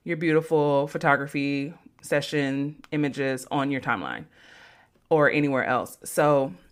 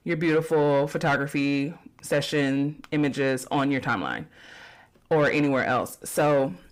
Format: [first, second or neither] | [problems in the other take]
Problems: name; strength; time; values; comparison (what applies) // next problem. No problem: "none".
first | distortion; slight; 10 dB below the speech